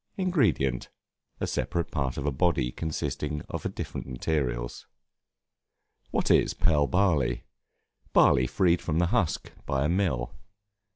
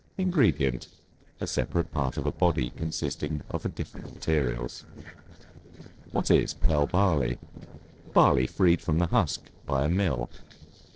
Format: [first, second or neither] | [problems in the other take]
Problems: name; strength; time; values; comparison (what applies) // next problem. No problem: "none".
first | noise reduction (neural separator model SepFormer DNS4)